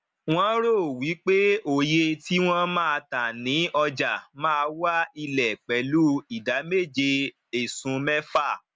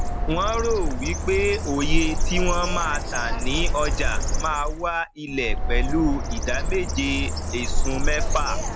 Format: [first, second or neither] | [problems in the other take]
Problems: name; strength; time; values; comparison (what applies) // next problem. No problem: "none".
first | background sound (Bird); 3 dB above the speech